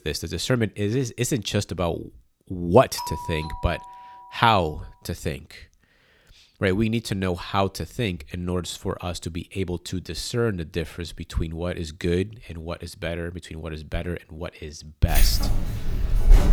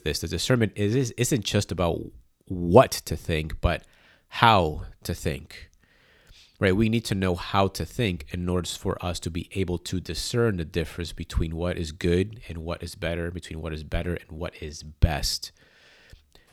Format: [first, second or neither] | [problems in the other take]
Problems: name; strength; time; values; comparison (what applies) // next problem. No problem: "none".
second | doorbell; noticeable; from 3 to 4.5 s; peak 7 dB below the speech // jangling keys; loud; from 15 s on; peak 6 dB above the speech